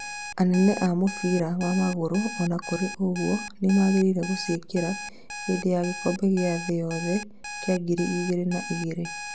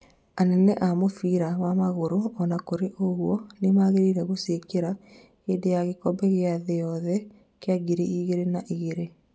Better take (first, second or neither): second